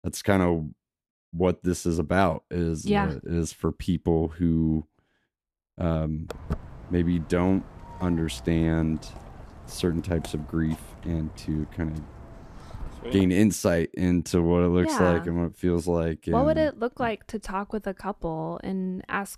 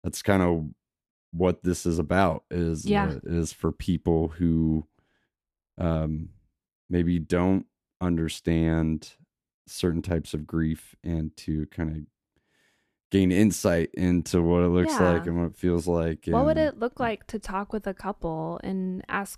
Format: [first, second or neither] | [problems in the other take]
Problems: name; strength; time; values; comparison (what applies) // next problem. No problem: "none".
second | footsteps; noticeable; from 6.5 to 13 s; peak 9 dB below the speech